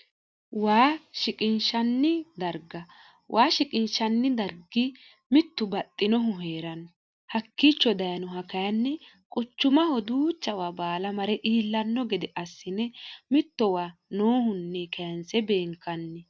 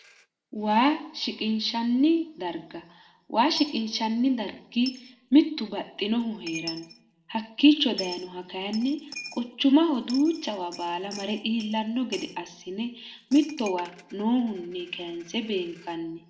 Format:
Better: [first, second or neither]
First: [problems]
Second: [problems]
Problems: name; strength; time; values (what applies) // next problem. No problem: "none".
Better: first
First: none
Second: background sound (Coin (dropping)); 19 dB below the speech // room echo; dies away in 0.7 s